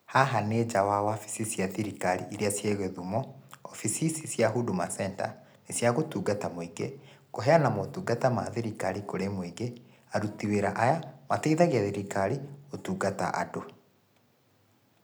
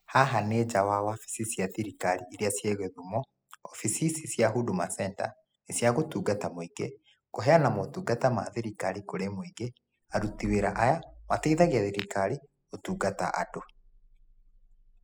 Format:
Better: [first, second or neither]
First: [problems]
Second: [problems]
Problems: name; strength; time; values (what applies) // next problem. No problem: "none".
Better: first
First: none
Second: noise reduction (classical method spectral subtraction)